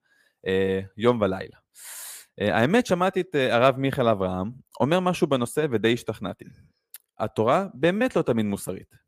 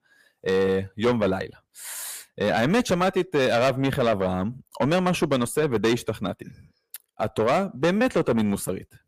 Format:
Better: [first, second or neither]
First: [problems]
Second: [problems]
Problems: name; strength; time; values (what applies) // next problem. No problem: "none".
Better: first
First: none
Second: distortion; heavy; 8 dB below the speech